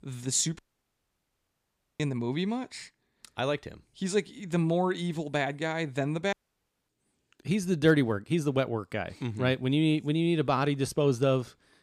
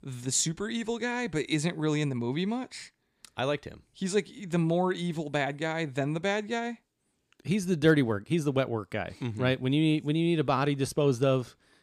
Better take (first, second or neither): second